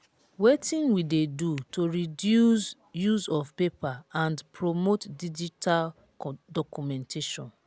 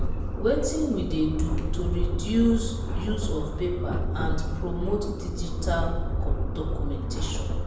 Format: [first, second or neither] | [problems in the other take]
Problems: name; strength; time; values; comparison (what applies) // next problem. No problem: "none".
first | background sound (Subway, metro, underground); 3 dB above the speech // room echo; dies away in 1 s